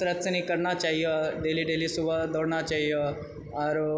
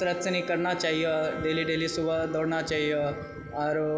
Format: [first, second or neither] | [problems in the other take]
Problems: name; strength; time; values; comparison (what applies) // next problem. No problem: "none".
first | background sound (Bowed string instrument); 15 dB below the speech